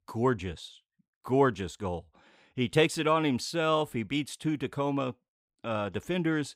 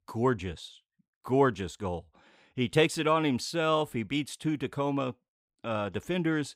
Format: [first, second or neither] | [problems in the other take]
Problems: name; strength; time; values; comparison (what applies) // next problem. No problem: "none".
neither | none